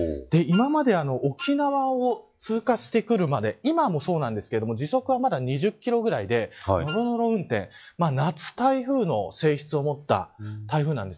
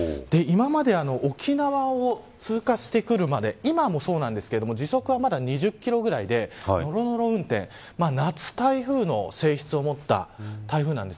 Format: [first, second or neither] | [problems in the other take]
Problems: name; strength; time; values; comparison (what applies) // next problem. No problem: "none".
second | noise reduction (classical method log-MMSE)